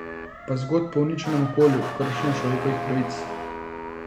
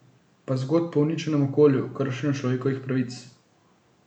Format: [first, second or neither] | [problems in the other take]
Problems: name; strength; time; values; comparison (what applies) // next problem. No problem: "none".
second | background sound (Motor vehicle (road) / Siren + Wind instrument, woodwind instrument); 7 dB below the speech